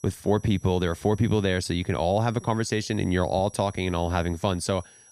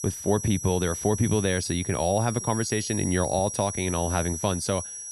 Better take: first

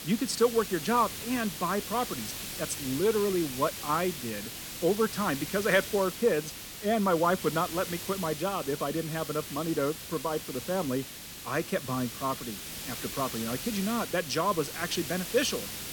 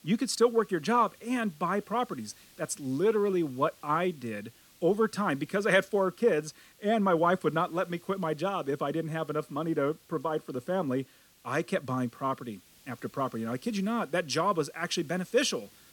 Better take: second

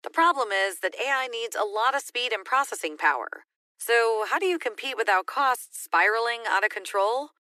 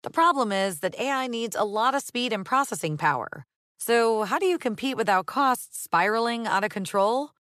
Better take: second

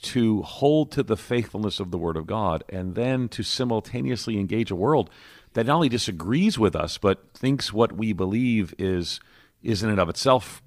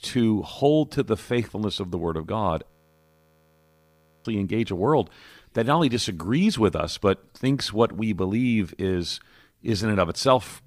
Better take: first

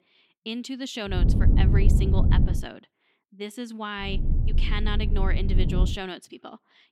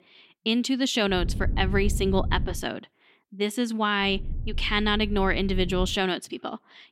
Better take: second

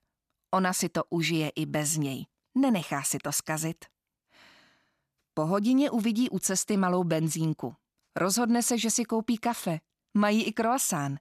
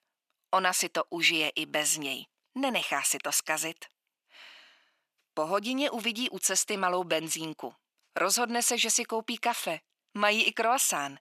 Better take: first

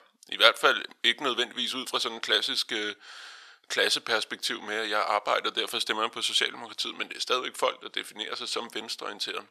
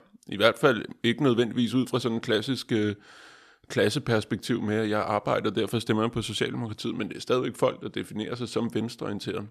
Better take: second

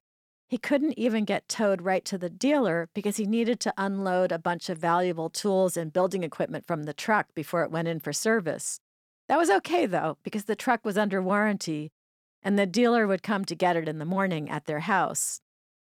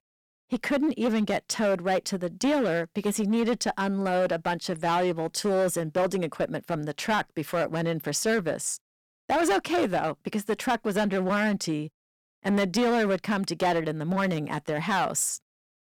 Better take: first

